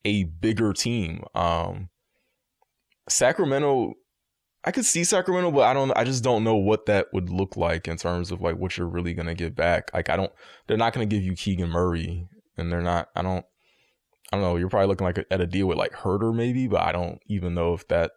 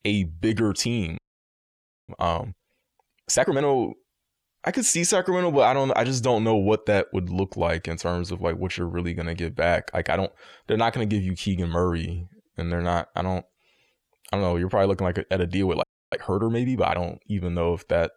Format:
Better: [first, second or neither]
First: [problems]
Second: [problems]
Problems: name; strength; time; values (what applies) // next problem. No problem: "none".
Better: first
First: none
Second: audio freezing; at 1 s for 1 s and at 16 s